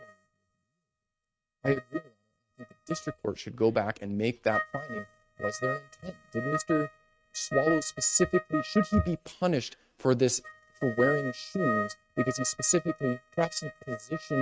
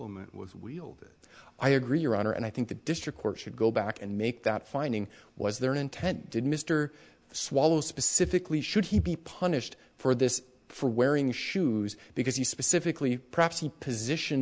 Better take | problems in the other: second | noise reduction (neural mask model RNNoise)

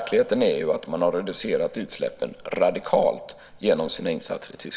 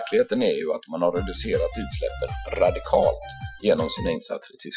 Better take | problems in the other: first | noise reduction (classical method Wiener filter)

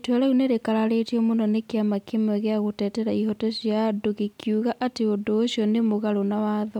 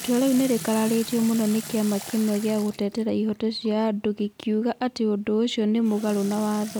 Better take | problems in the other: first | background sound (Sink (filling or washing) / Water tap, faucet); 16 dB below the speech

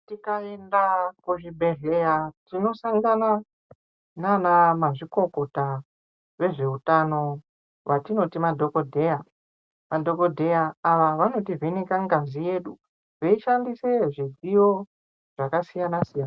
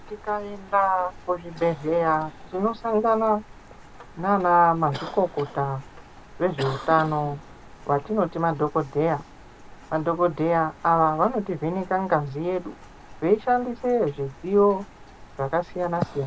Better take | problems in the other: first | background sound (Cough + Rain); 18 dB below the speech

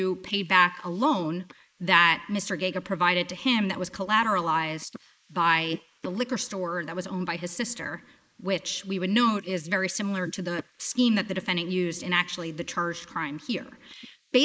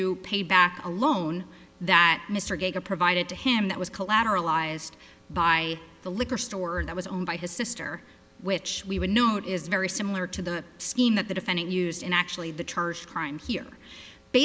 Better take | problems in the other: second | noise reduction (neural mask model Resemble Enhance denoiser)

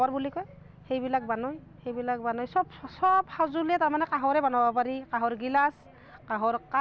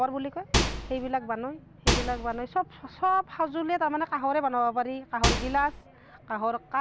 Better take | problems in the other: first | background sound (Microwave oven); 2 dB above the speech

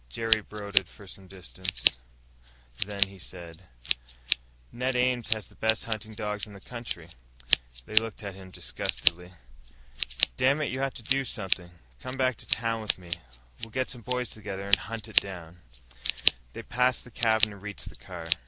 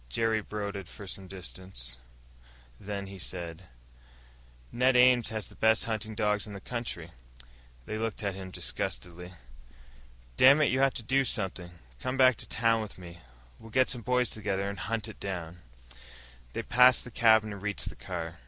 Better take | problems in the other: second | background sound (Scissors); 1 dB below the speech

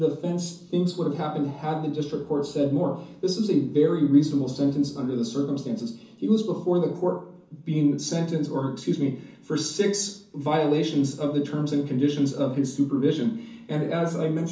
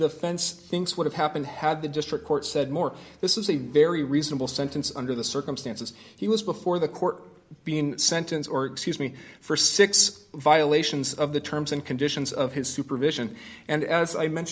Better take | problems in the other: second | room echo; dies away in 0.9 s

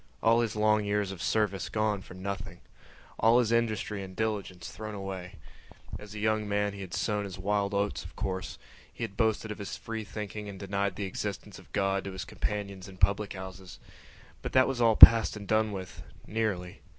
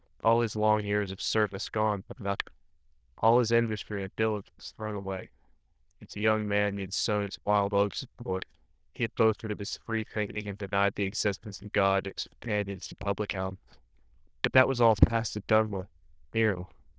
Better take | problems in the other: first | noise reduction (neural diffusion model UNIVERSE++)

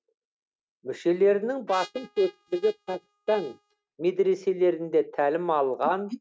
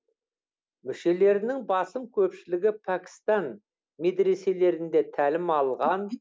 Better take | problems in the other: second | noise reduction (neural mask model RNNoise)

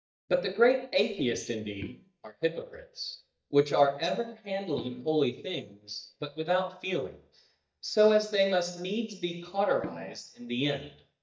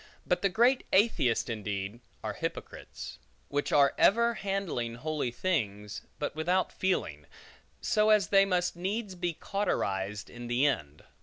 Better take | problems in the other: second | noise reduction (neural mask model DeepFilterNet 3)

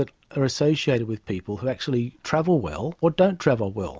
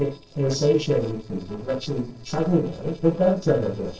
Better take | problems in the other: first | noise reduction (neural separator model SepFormer DNS4)

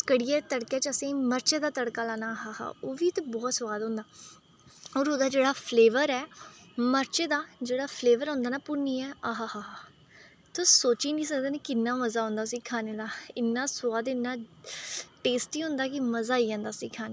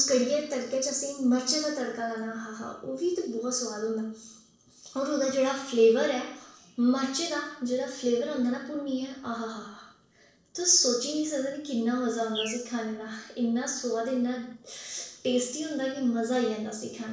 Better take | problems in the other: first | noise reduction (neural separator model SepFormer DNS4)

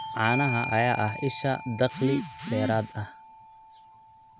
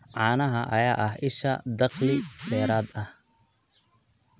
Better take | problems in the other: second | background sound (Bell / Doorbell); 10 dB below the speech

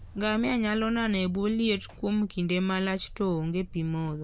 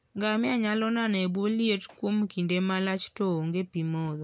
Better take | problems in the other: second | background sound (Ocean); 18 dB below the speech

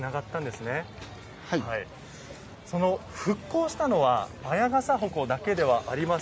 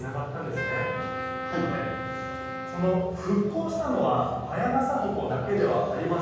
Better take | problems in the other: first | background sound (Wind instrument, woodwind instrument); 7 dB below the speech // room echo; dies away in 1.3 s

